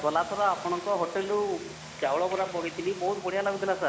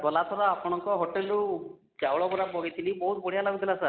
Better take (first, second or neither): second